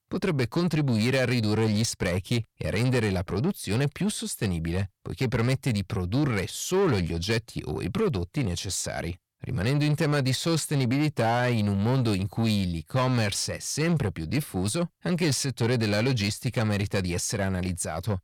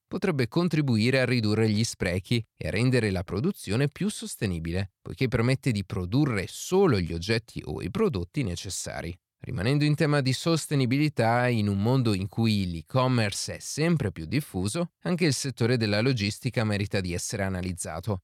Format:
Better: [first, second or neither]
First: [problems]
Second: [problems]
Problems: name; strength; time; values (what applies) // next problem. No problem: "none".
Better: second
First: distortion; slight; 10 dB below the speech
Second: none